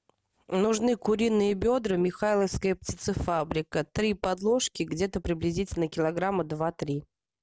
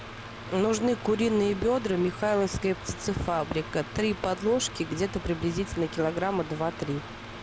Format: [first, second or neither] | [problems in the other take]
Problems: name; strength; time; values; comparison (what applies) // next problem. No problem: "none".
first | background sound (Mechanical fan); 12 dB below the speech